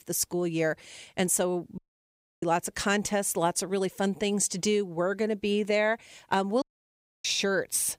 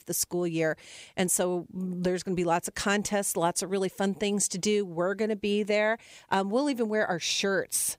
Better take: second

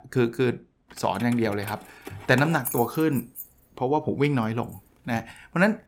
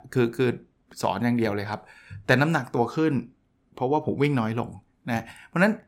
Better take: second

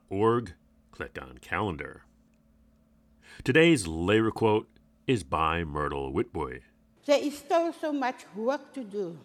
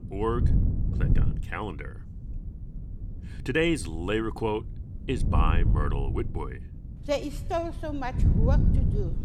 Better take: first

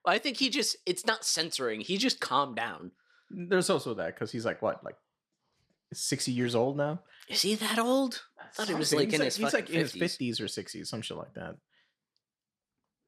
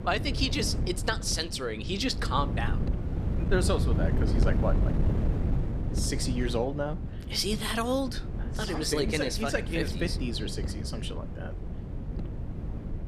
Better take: first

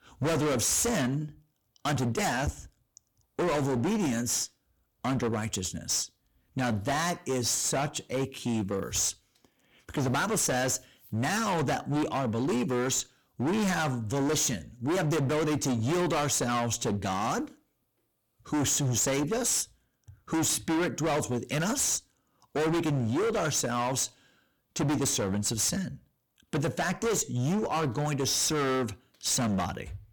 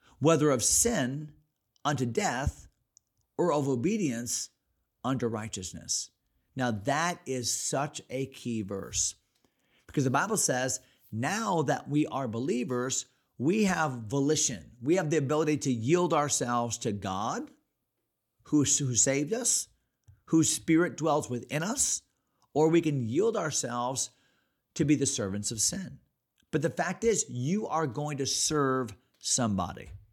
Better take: second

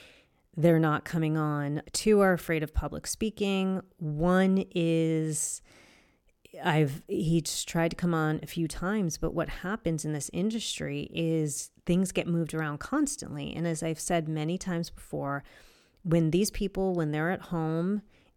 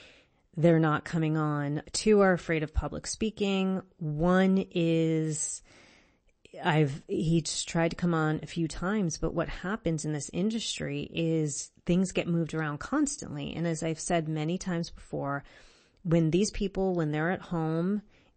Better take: first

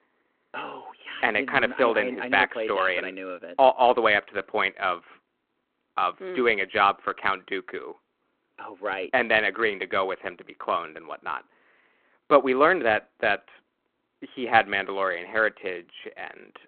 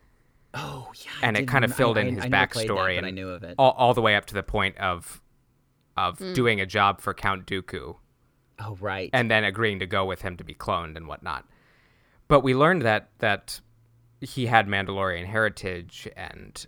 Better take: second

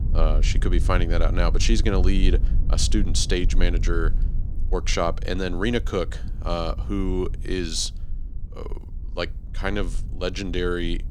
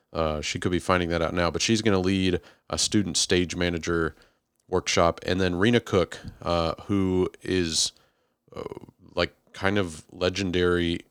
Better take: second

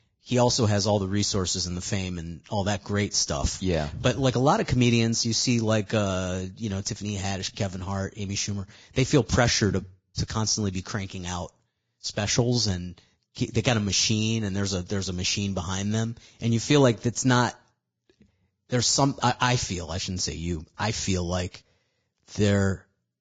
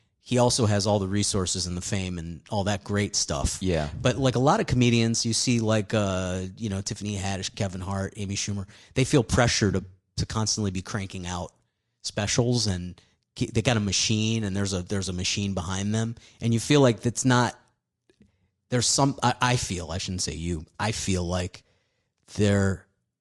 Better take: second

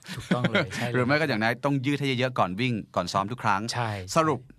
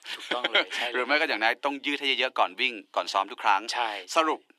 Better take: first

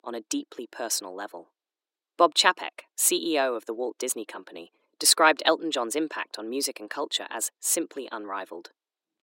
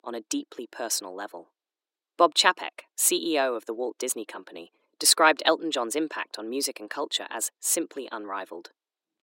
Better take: neither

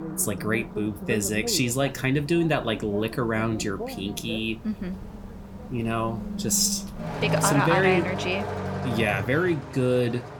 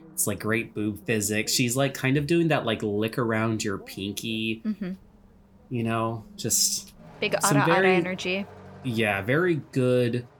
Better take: second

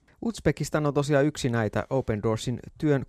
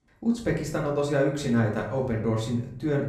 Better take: first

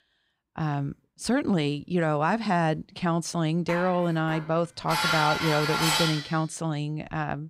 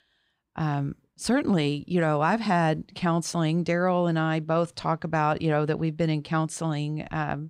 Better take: second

